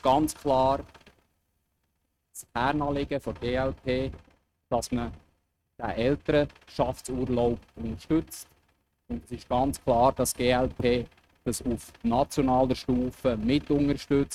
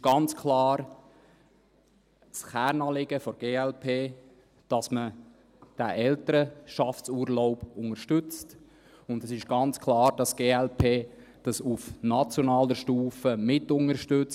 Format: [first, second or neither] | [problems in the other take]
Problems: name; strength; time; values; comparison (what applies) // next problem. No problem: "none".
second | noise reduction (neural mask model RNNoise)